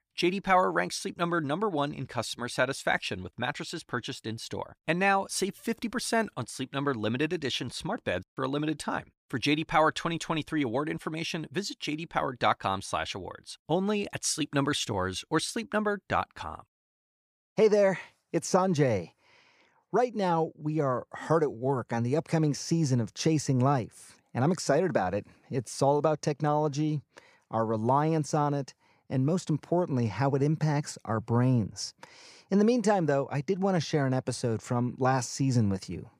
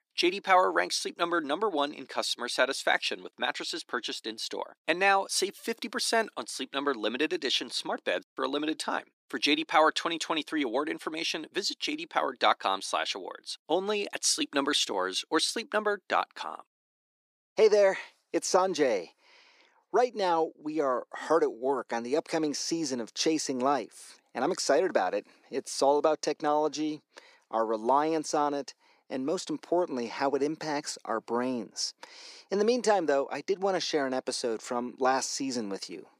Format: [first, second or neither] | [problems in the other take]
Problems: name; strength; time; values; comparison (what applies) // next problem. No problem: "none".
first | thin; somewhat; fading below 300 Hz